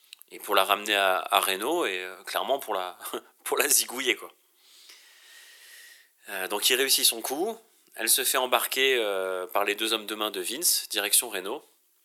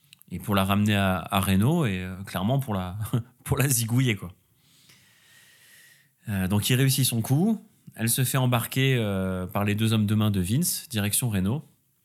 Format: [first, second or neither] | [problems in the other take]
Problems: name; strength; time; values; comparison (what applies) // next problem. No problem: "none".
second | thin; very; fading below 350 Hz